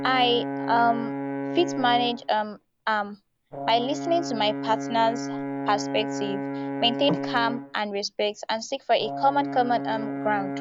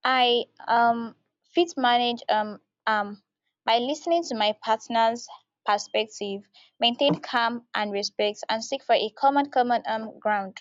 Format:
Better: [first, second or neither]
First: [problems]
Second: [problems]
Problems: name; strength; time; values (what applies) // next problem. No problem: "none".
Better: second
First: background sound (Brass instrument); 6 dB below the speech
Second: none